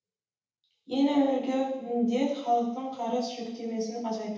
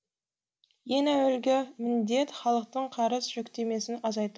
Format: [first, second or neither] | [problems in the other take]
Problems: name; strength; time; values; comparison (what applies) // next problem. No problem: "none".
second | room echo; dies away in 0.9 s